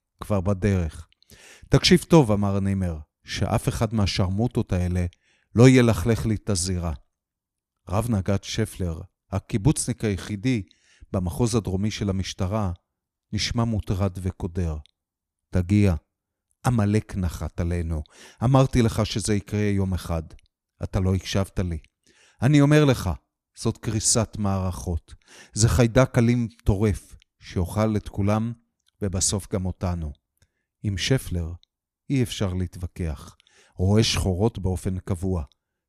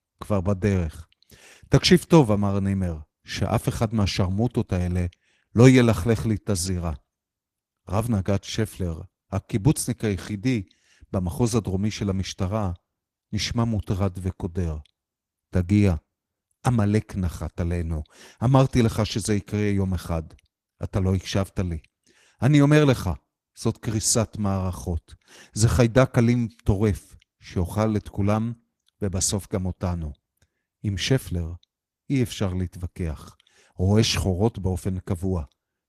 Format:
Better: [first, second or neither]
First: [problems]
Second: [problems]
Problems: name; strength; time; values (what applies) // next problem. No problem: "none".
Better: first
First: none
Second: garbled, watery; slightly; nothing above 14.5 kHz